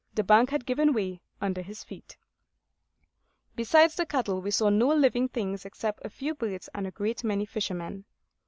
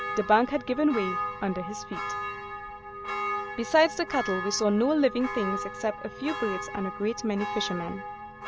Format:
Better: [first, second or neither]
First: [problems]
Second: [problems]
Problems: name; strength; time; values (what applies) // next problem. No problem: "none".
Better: first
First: none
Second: background sound (Church bell); 7 dB below the speech